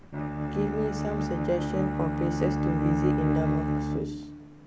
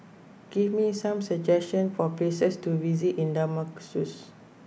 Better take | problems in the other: second | background sound (Bowed string instrument); 4 dB above the speech

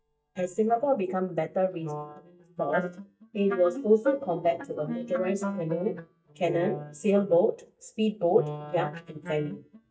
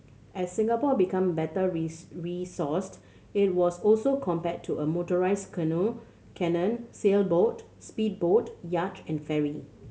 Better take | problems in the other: second | noise reduction (neural mask model DeepFilterNet 3)

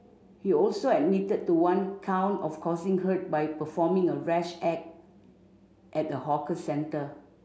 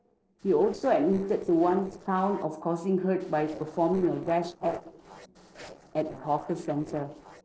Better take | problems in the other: first | noise reduction (neural separator model SepFormer DNS4)

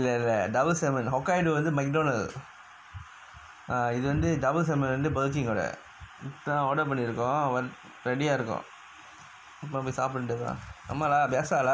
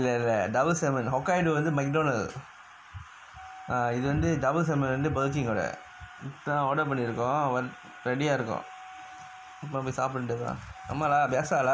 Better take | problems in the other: first | background sound (Wind instrument, woodwind instrument); 20 dB below the speech

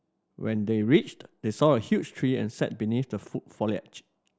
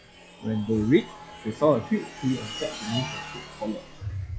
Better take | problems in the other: first | noise reduction (classical method log-MMSE)

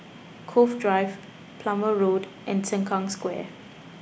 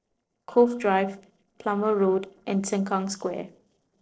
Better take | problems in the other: first | noise reduction (neural separator model SepFormer DNS4)

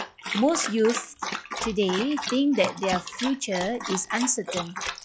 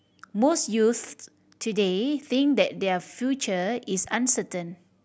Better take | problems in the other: second | noise reduction (classical method log-MMSE)

